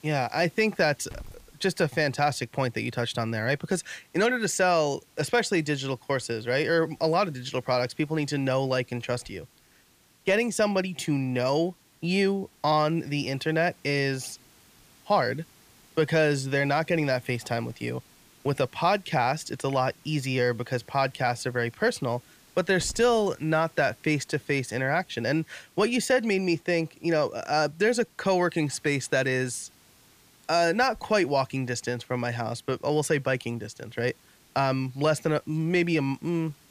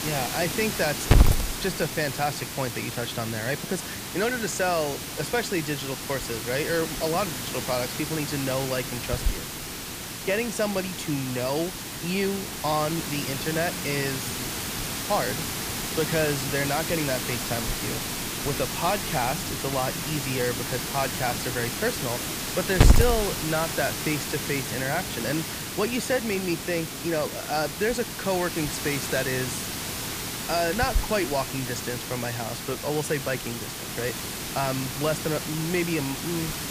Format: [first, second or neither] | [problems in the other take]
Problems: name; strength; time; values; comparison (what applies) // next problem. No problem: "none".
first | hiss; loud; throughout; 1 dB below the speech; faint in the first